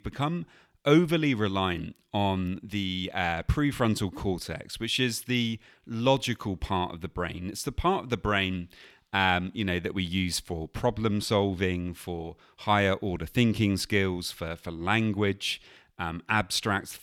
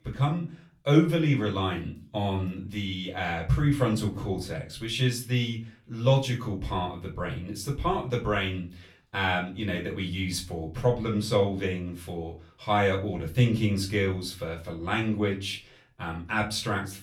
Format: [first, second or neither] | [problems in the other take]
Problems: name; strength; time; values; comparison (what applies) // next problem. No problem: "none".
first | off-mic speech; far // room echo; very slight; dies away in 0.3 s